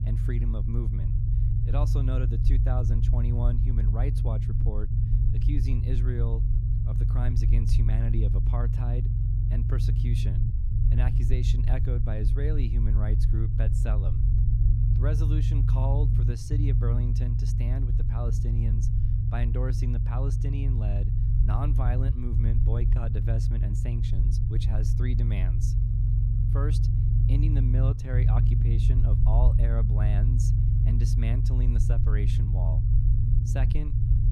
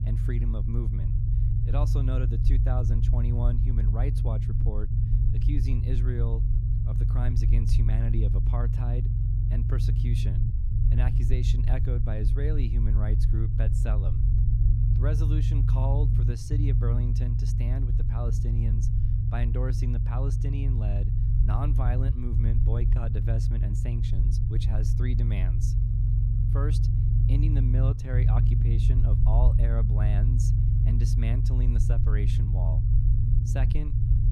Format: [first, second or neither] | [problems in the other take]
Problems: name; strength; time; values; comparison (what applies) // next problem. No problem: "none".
neither | low rumble; loud; throughout; as loud as the speech; the same in both